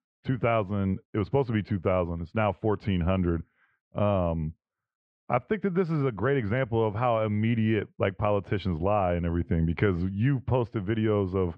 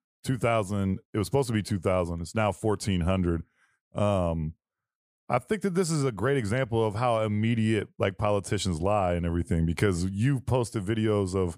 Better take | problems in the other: second | muffled; very; fading above 3 kHz

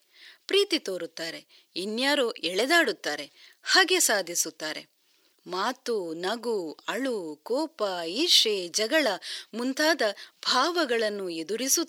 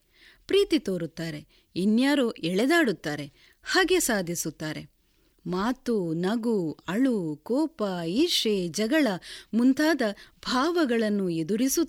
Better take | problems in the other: second | thin; somewhat; fading below 550 Hz

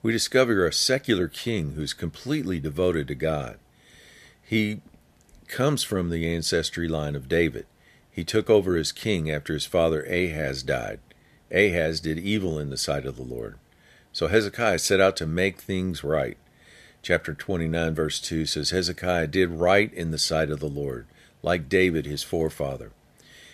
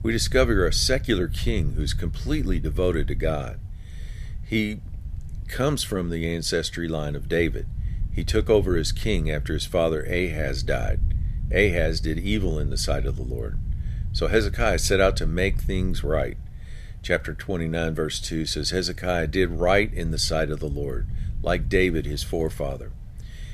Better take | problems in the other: first | low rumble; faint; throughout; 25 dB below the speech

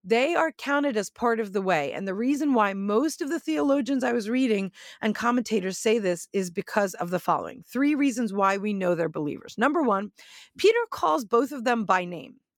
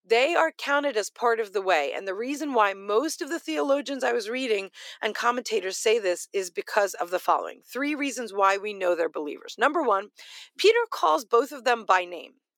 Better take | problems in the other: first | thin; somewhat; fading below 350 Hz

